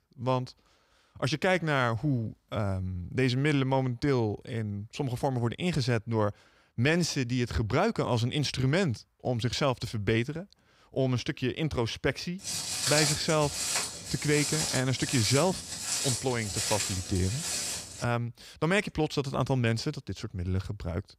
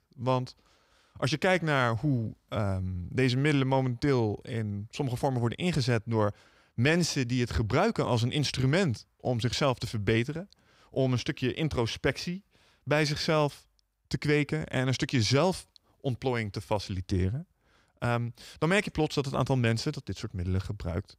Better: second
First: footsteps; loud; from 12 to 18 s; peak 4 dB above the speech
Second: none

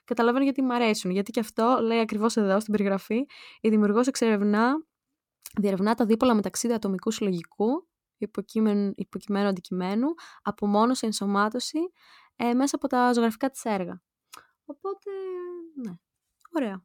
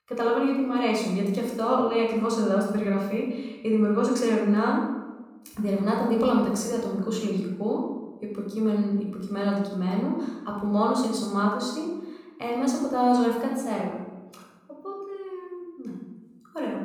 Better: first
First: none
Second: off-mic speech; far // room echo; noticeable; dies away in 0.9 s

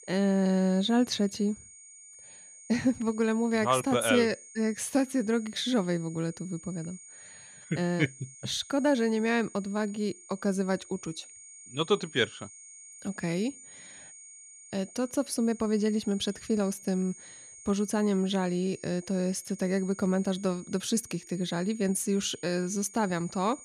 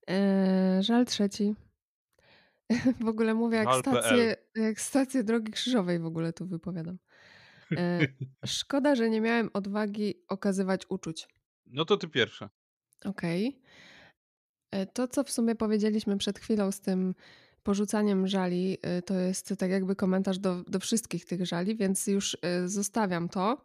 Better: second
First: high-pitched whine; noticeable; throughout; 6.5 kHz, 20 dB below the speech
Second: none

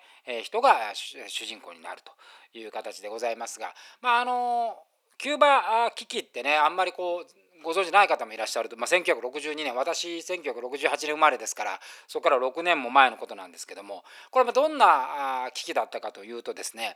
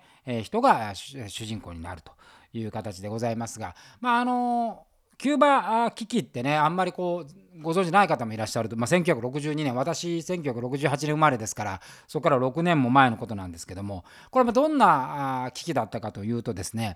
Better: second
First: thin; very; fading below 400 Hz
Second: none

